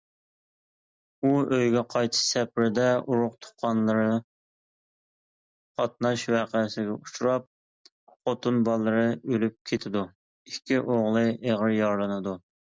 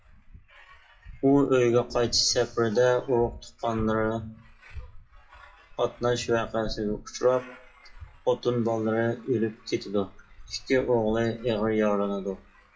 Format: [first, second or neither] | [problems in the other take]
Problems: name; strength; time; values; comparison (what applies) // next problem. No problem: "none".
first | noise reduction (classical method WPE with log-MMSE)